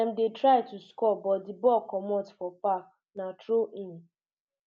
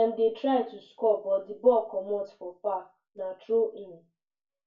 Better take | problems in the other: first | room echo; dies away in 0.2 s

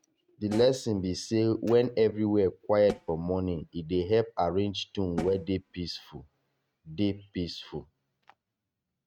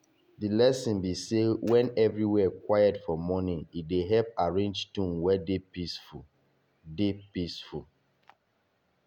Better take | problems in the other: second | noise reduction (neural mask model RNNoise)

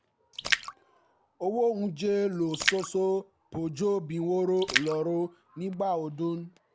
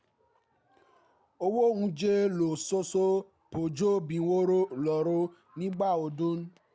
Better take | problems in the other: second | background sound (Splash, splatter); 7 dB below the speech

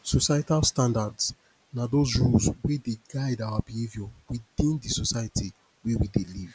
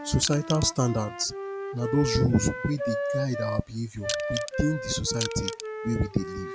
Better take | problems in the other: first | background sound (Crushing + Wind instrument, woodwind instrument); 5 dB below the speech

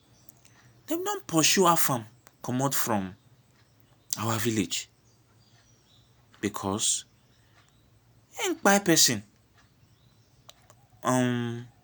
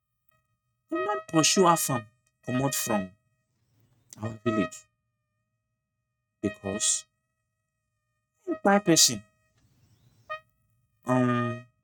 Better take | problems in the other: first | noise reduction (neural mask model RNNoise)

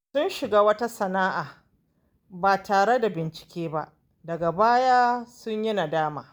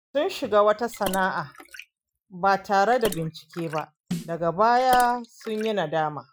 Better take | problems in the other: first | noise reduction (classical method Wiener filter)

